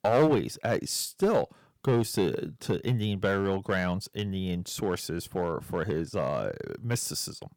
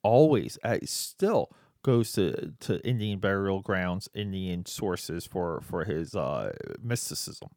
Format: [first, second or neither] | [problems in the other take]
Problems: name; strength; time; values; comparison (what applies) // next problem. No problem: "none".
second | distortion; slight; 3% of the sound clipped